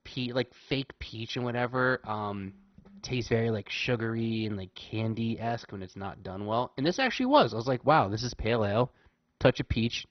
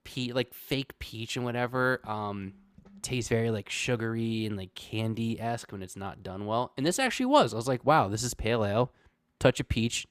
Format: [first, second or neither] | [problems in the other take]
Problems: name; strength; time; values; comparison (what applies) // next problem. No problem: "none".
second | garbled, watery; badly; nothing above 6 kHz